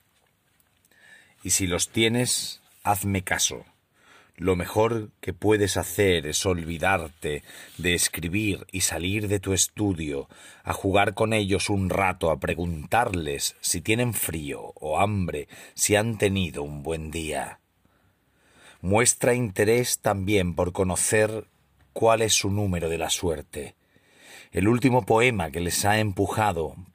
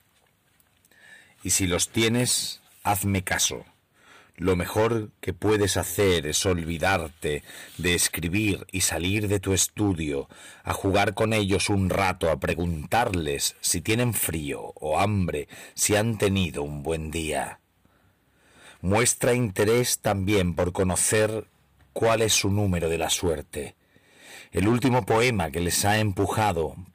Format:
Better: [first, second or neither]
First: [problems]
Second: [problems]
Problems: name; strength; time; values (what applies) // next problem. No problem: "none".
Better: first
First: none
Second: distortion; slight; 5% of the sound clipped